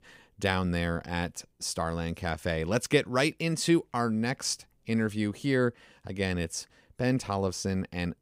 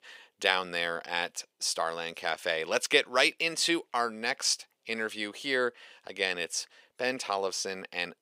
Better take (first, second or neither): first